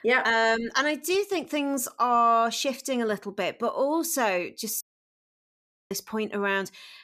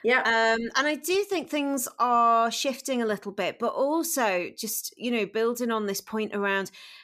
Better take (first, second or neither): second